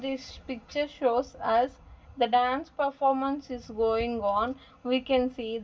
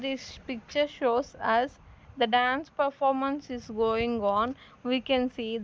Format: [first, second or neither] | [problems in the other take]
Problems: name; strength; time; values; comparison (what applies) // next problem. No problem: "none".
second | room echo; dies away in 0.2 s